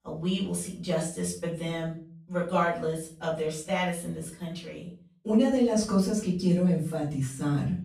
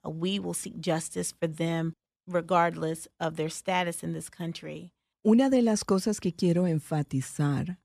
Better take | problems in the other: second | off-mic speech; far // room echo; slight; dies away in 0.4 s

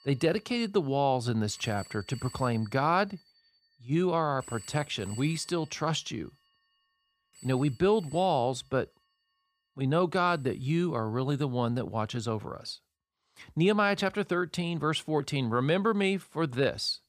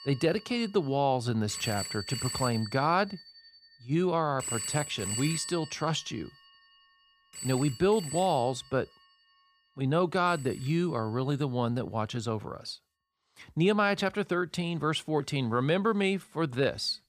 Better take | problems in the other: first | alarms or sirens; loud; throughout; 8 dB below the speech; faint in the first

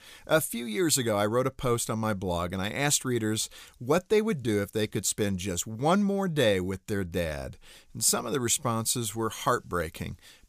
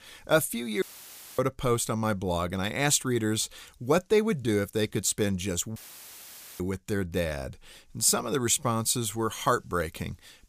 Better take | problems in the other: first | audio cutting out; filled with static; at 1 s for 0.5 s and at 6 s for 1 s

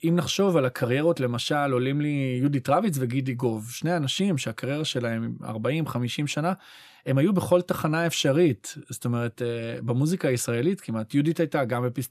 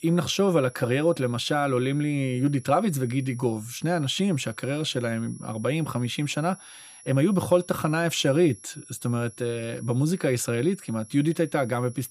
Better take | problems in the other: first | high-pitched whine; faint; throughout; 11 kHz, 20 dB below the speech

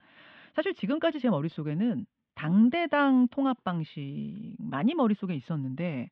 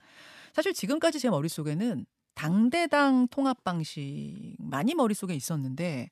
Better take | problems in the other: second | muffled; very; fading above 3.5 kHz

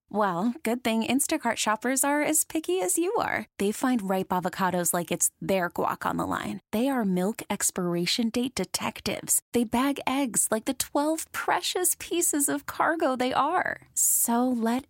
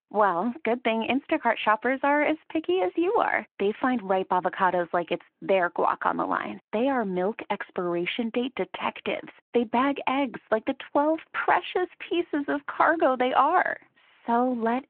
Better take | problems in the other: first | phone-call audio

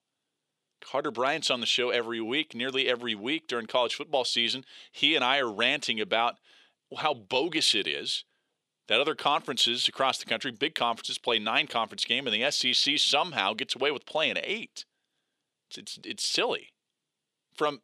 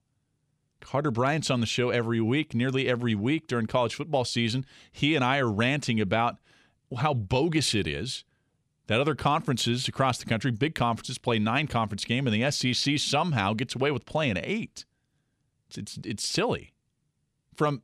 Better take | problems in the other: second | thin; somewhat; fading below 450 Hz

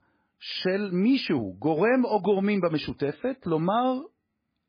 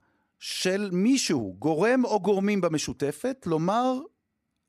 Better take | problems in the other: second | garbled, watery; badly

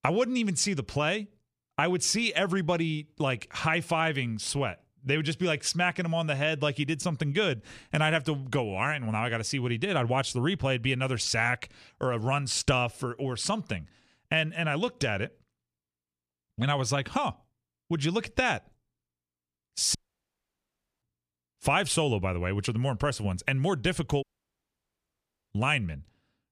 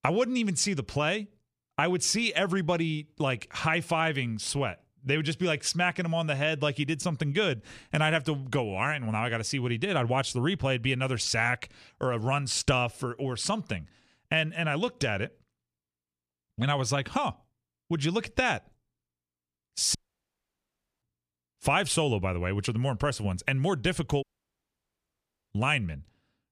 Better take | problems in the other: neither | audio cutting out; at 20 s for 1 s and at 24 s for 1.5 s; the same in both

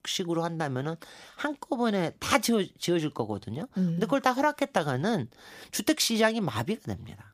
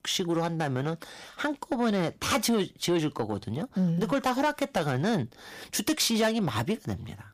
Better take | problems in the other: first | distortion; slight; 10 dB below the speech

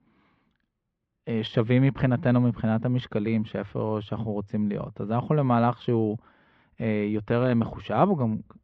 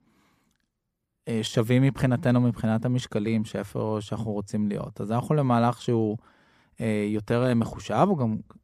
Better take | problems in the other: second | muffled; slightly; fading above 3.5 kHz

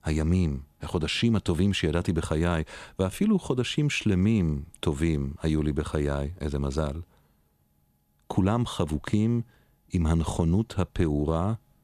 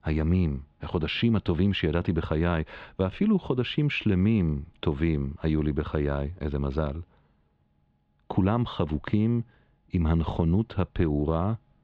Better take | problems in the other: first | muffled; slightly; fading above 3.5 kHz

